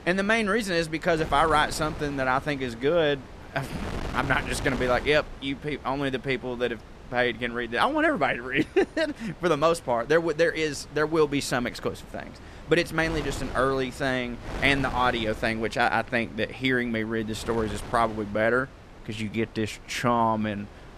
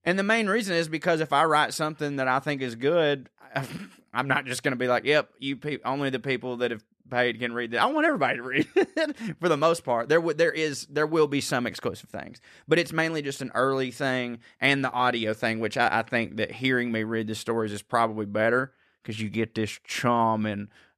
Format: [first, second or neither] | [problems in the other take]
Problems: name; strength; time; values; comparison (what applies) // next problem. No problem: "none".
second | wind noise on the microphone; occasional gusts; 15 dB below the speech